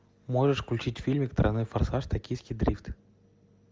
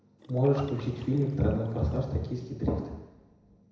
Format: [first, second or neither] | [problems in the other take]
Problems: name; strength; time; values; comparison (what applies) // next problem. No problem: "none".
first | background sound (Liquid); 19 dB below the speech // room echo; dies away in 0.9 s